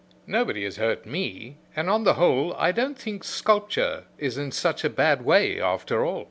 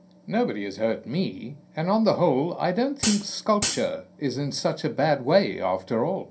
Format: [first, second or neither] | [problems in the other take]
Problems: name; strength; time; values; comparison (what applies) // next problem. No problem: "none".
first | background sound (Hi-hat); 4 dB below the speech // room echo; dies away in 0.3 s